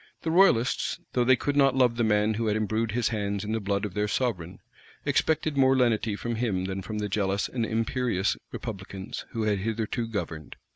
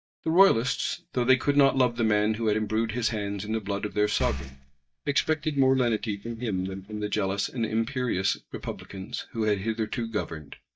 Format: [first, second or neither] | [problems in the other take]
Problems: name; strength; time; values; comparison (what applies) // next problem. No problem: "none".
first | noise reduction (neural mask model DeepFilterNet 3)